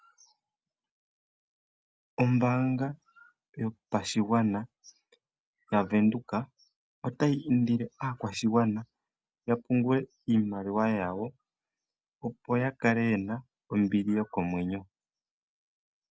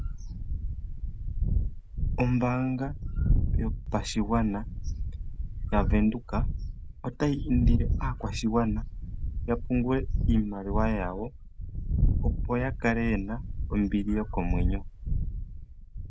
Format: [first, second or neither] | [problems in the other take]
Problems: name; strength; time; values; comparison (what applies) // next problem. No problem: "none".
first | background sound (Wind); 2 dB above the speech